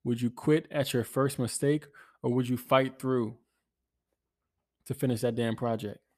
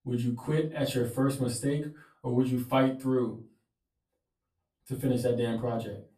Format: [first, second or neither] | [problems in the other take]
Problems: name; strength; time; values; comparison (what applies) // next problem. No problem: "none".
first | off-mic speech; far // room echo; slight; dies away in 0.3 s